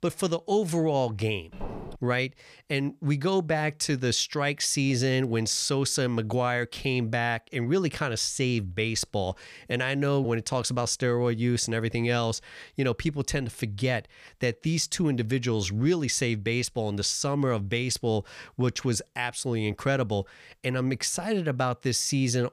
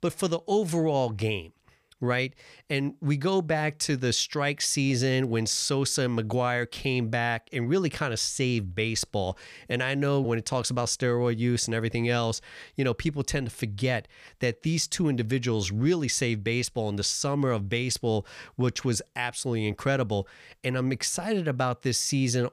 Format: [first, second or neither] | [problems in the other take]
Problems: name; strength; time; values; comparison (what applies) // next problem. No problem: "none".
second | footsteps; faint; at 1.5 s; peak 10 dB below the speech